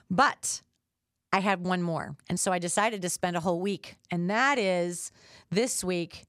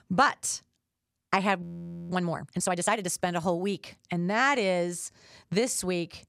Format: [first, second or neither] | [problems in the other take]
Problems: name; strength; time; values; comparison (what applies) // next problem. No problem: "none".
first | audio freezing; at 1.5 s